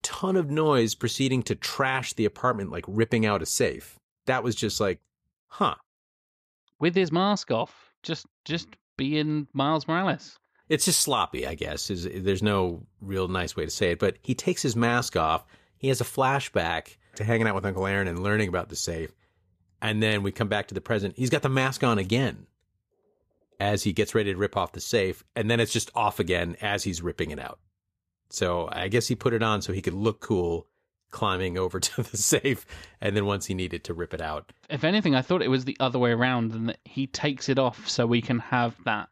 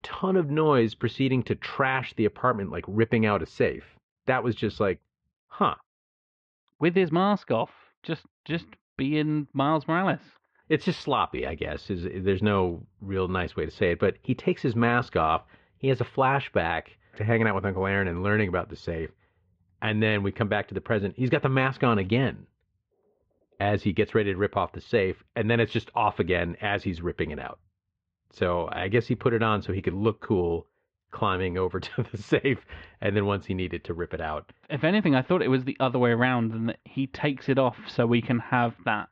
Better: first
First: none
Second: muffled; very; fading above 3 kHz

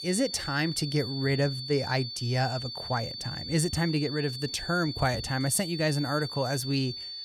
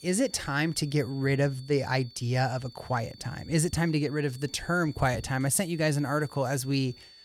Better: second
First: high-pitched whine; loud; throughout; 4.5 kHz, 7 dB below the speech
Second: high-pitched whine; faint; throughout; 4.5 kHz, 20 dB below the speech

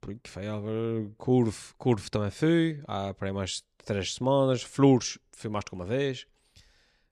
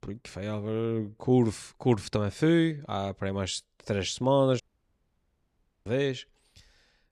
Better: first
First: none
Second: audio cutting out; at 4.5 s for 1.5 s

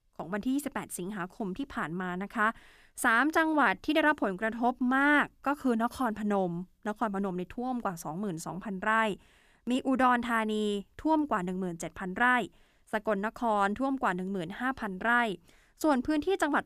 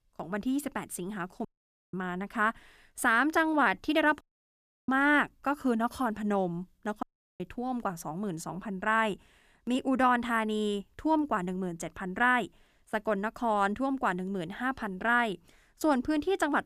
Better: first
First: none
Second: audio cutting out; at 1.5 s, at 4 s for 0.5 s and at 7 s

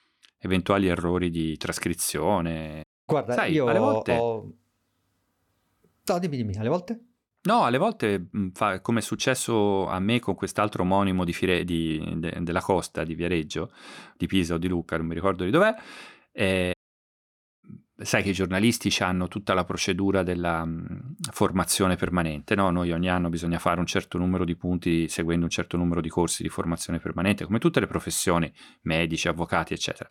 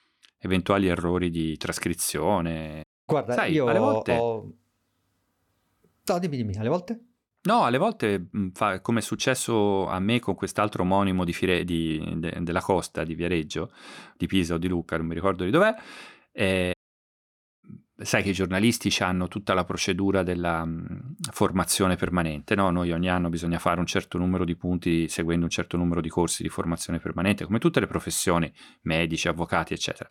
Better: neither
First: audio cutting out; at 3 s and at 17 s for 1 s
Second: audio cutting out; at 3 s and at 17 s for 1 s

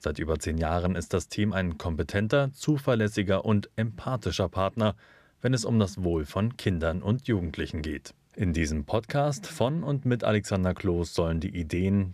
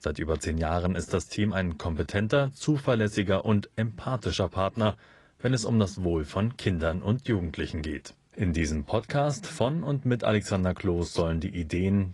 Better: first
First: none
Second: garbled, watery; slightly; nothing above 10.5 kHz

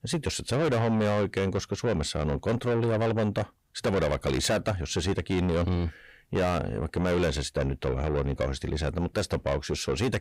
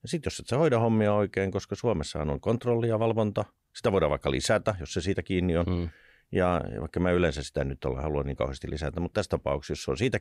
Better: second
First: distortion; heavy; 7 dB below the speech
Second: none

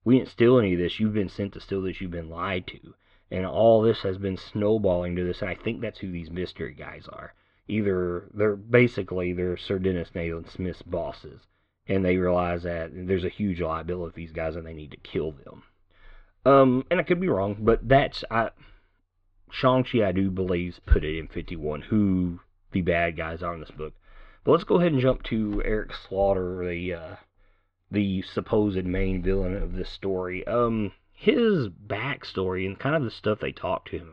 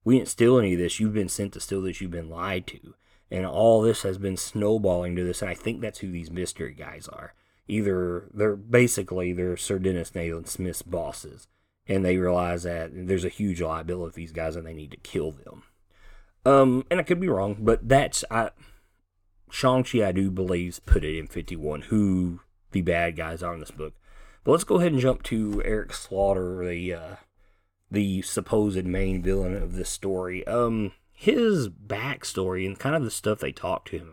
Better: second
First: muffled; slightly; fading above 4 kHz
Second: none

